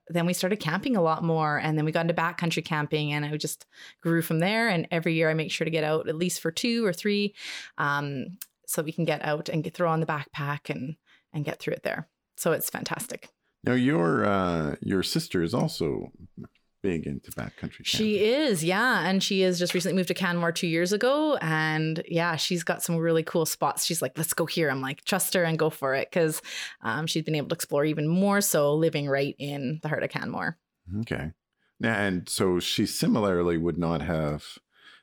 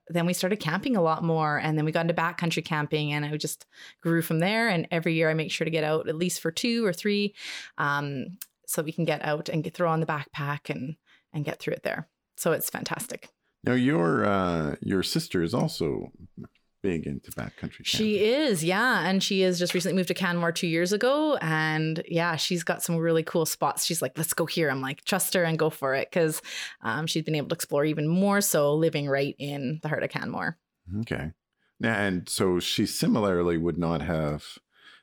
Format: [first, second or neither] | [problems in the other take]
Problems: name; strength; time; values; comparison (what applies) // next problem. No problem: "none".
neither | none